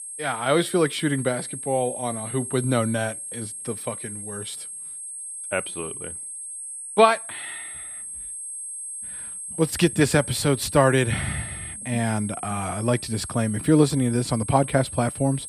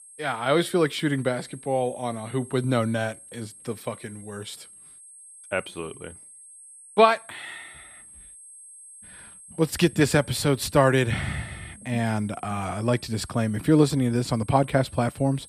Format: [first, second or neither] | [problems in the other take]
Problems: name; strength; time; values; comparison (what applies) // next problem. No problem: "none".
second | high-pitched whine; loud; throughout; 8.5 kHz, 9 dB below the speech; faint in the second